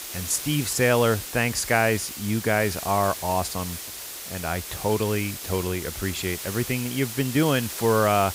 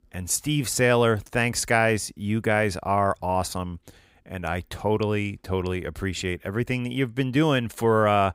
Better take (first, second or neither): second